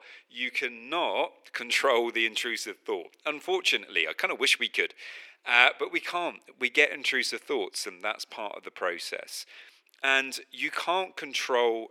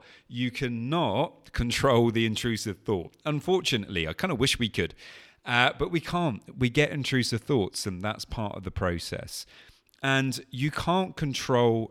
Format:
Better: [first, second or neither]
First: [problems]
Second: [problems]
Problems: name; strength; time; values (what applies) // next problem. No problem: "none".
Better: second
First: thin; very; fading below 350 Hz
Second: none